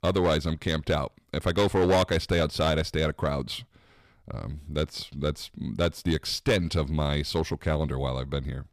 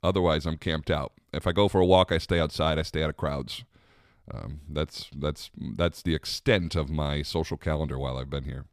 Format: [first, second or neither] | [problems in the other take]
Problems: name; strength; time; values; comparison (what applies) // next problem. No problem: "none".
second | distortion; slight; 4% of the sound clipped